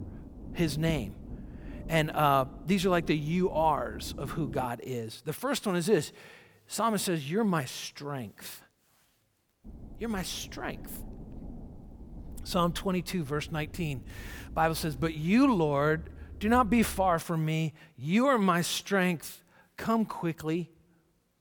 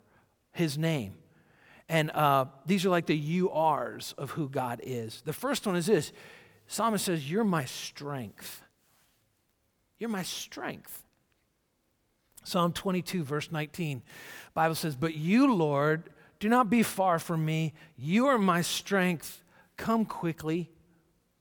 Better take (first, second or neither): second